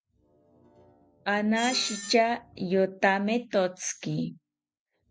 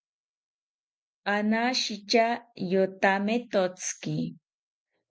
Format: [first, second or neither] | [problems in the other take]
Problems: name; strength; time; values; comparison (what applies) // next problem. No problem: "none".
second | background sound (Screech); 17 dB below the speech